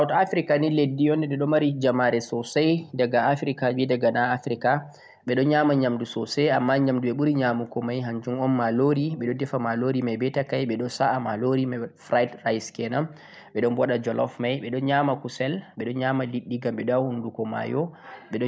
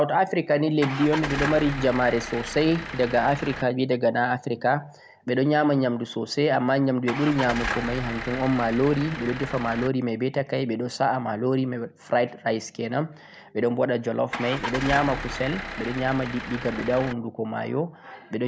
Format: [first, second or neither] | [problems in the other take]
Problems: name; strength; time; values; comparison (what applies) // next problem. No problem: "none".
first | background sound (Engine starting / Car); 8 dB below the speech